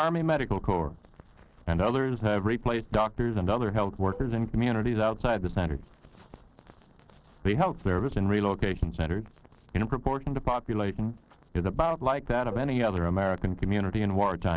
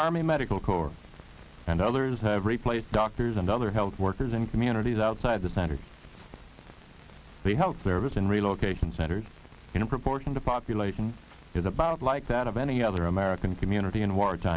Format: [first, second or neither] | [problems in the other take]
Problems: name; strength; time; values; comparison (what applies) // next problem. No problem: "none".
second | noise reduction (neural separator model SepFormer DNS4)